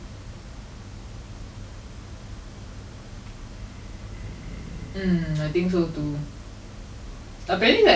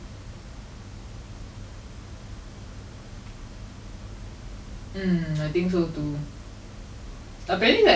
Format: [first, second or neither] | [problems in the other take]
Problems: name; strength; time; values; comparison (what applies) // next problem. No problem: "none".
second | background sound (Animal); 16 dB below the speech